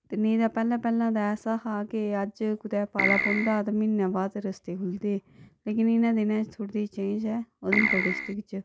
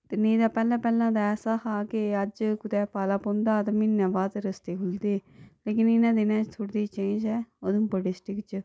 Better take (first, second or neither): second